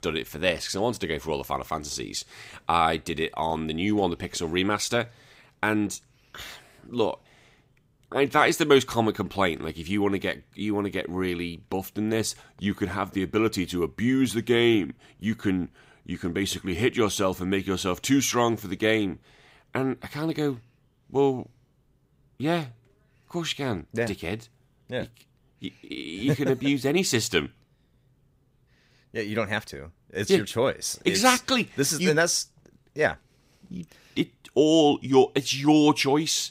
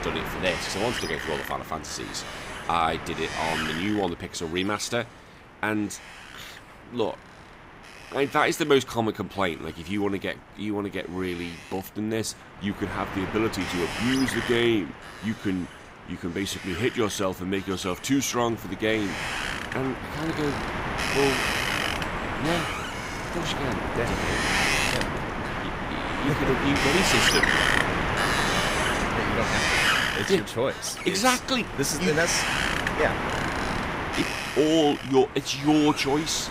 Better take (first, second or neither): first